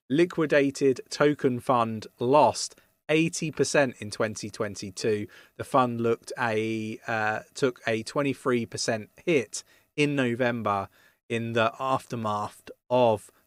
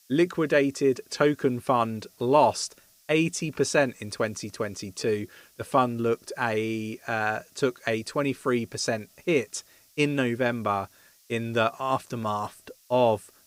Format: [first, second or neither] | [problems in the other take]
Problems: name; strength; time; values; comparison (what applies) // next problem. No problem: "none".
first | hiss; faint; throughout; 30 dB below the speech